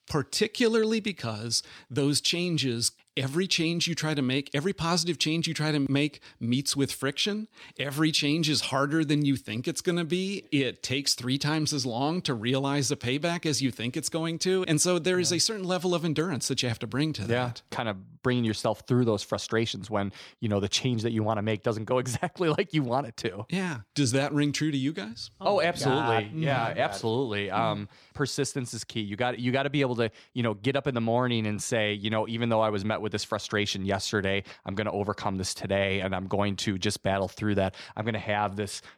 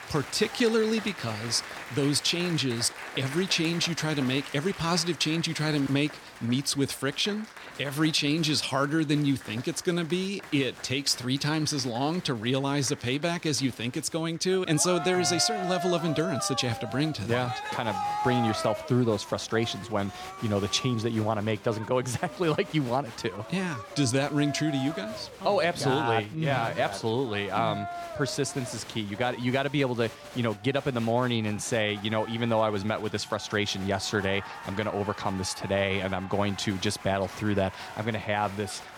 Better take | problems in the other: first | crowd noise; noticeable; throughout; 10 dB below the speech

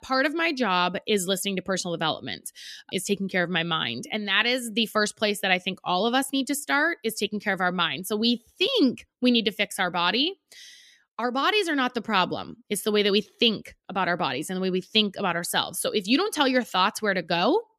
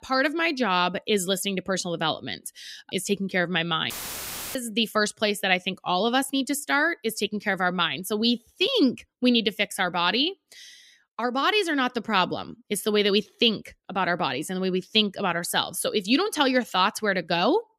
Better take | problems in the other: first | audio cutting out; filled with static; at 4 s for 0.5 s

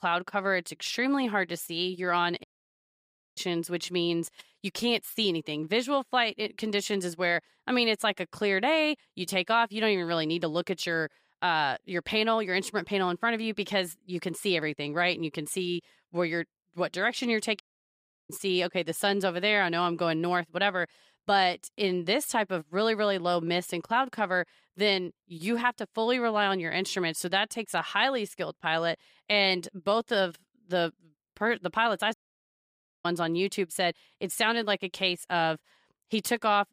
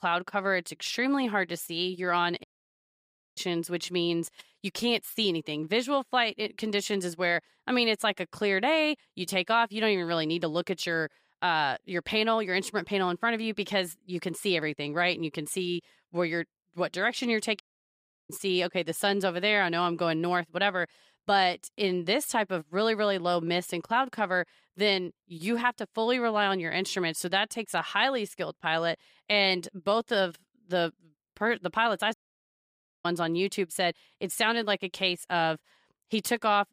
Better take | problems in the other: neither | audio cutting out; at 2.5 s for 1 s, at 18 s for 0.5 s and at 32 s for 1 s; the same in both

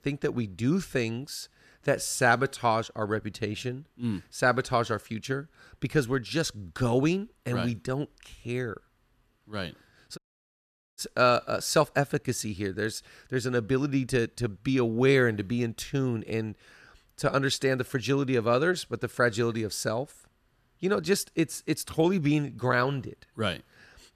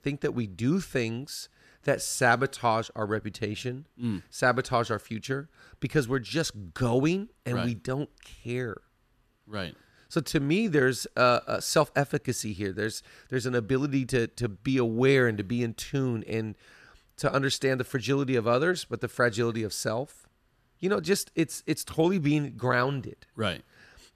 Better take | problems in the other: second | audio cutting out; at 10 s for 1 s

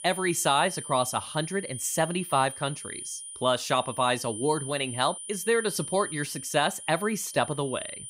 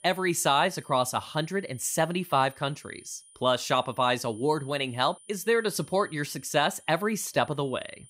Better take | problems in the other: second | high-pitched whine; loud; throughout; 9 kHz, 9 dB below the speech; faint in the second

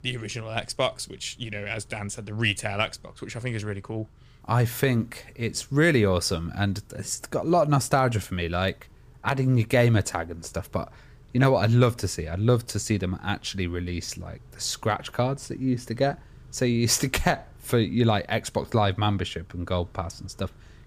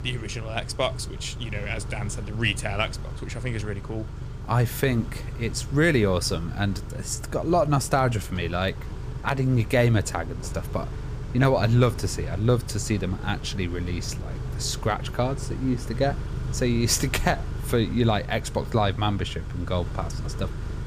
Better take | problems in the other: first | traffic noise; loud; throughout; 9 dB below the speech; faint in the first

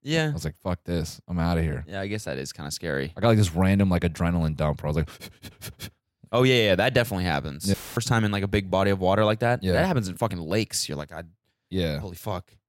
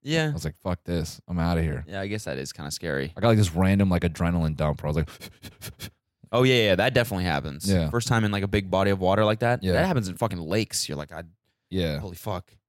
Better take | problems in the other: second | audio cutting out; filled with static; at 7.5 s

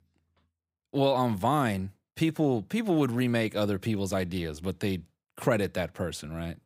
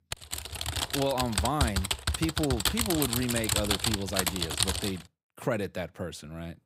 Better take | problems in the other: first | keyboard typing; loud; until 5 s; peak 6 dB above the speech

